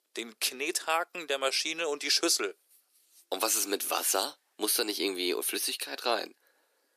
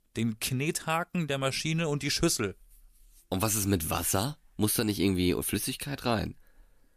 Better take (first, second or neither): second